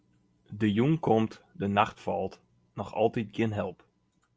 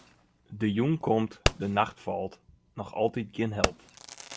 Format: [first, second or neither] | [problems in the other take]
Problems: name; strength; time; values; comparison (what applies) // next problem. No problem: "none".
first | background sound (Fireworks); 5 dB below the speech